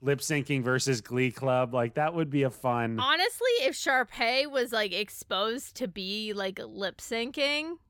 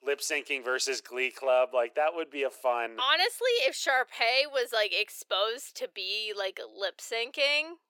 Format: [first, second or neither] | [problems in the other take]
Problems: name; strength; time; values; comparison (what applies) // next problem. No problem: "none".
first | thin; very; fading below 400 Hz